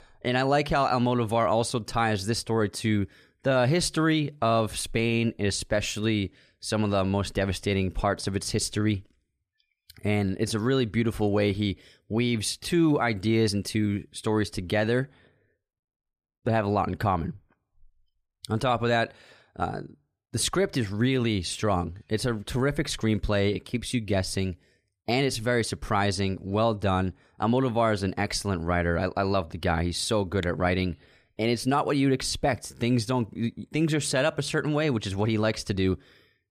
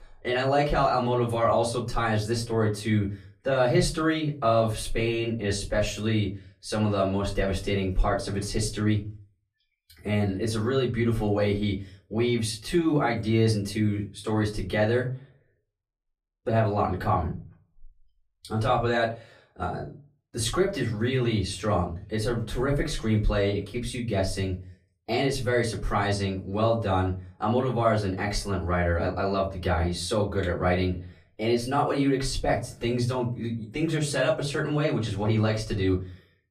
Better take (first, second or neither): first